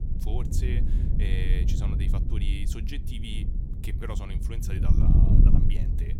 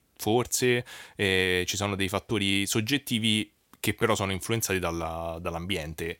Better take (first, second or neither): second